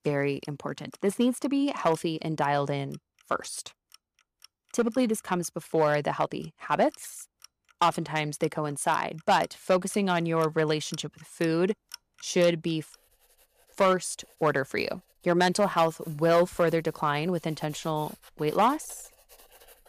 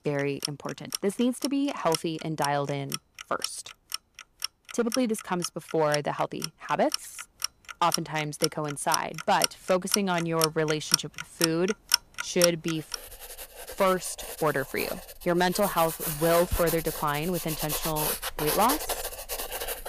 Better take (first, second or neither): first